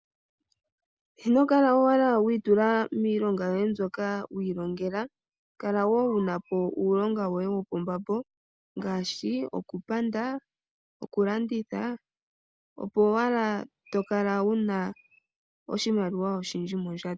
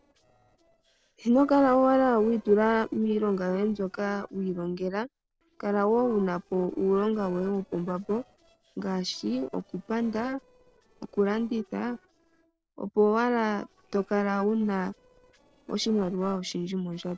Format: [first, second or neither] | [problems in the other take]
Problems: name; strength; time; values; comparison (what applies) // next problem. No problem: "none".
first | noise reduction (neural separator model SepFormer DNS4)